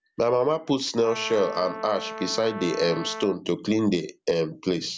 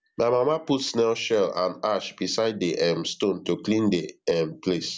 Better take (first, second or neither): second